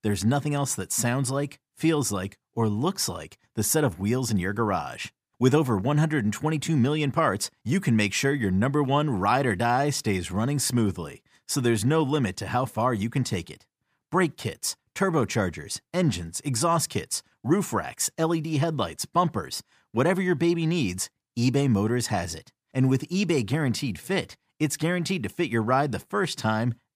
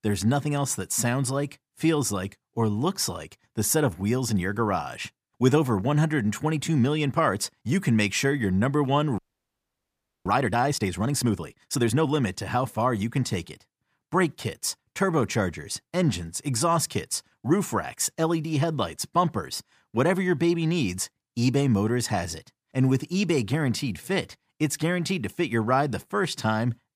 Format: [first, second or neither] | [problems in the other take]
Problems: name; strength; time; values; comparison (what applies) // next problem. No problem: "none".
first | audio freezing; at 9 s for 1 s